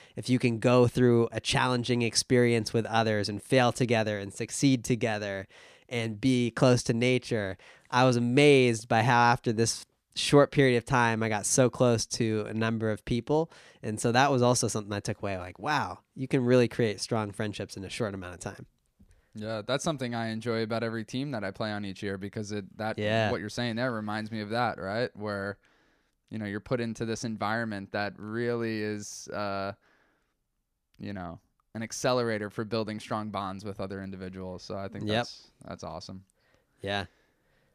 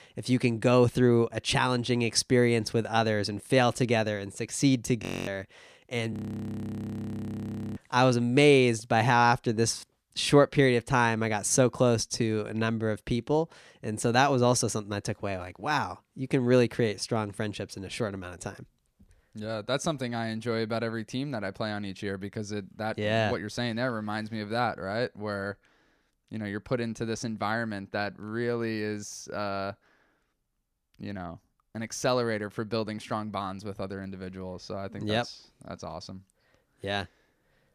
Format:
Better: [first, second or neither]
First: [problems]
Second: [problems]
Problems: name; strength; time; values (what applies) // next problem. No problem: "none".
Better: first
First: none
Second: audio freezing; at 5 s and at 6 s for 1.5 s